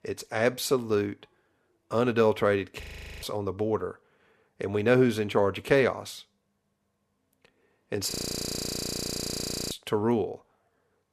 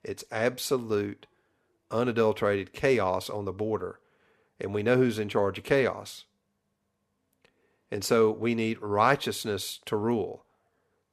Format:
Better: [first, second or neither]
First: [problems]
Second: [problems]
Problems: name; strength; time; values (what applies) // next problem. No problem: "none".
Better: second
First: audio freezing; at 3 s and at 8 s for 1.5 s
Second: none